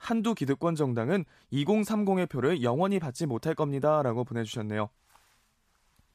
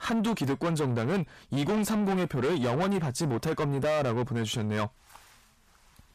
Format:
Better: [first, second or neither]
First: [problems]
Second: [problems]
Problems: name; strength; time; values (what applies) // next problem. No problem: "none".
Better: first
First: none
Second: distortion; heavy; 6 dB below the speech